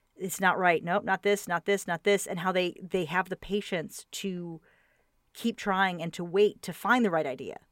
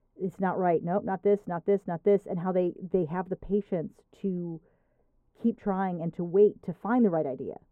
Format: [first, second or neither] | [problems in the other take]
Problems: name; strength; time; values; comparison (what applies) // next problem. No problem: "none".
first | muffled; very; fading above 1.5 kHz